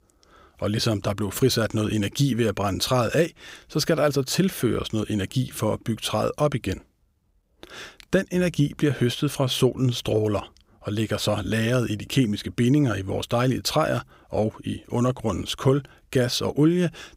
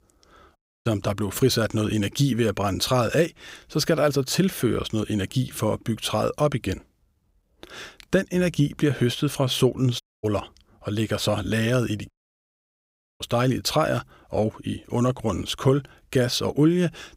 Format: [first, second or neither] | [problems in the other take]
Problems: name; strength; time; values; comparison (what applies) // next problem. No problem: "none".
first | audio cutting out; at 0.5 s, at 10 s and at 12 s for 1 s